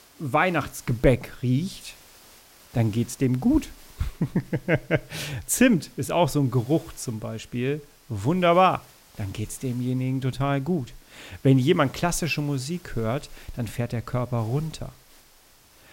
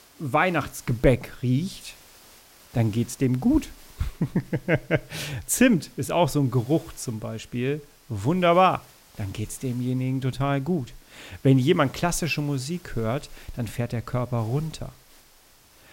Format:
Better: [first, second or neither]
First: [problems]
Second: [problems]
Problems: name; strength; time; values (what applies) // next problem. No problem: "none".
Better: neither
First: hiss; faint; throughout; 25 dB below the speech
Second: hiss; faint; throughout; 25 dB below the speech